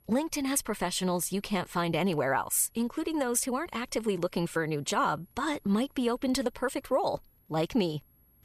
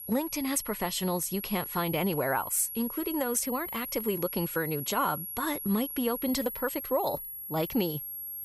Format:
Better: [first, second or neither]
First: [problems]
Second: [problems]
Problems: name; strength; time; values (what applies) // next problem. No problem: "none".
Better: first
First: high-pitched whine; faint; throughout; 11.5 kHz, 35 dB below the speech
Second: high-pitched whine; loud; throughout; 11.5 kHz, 6 dB below the speech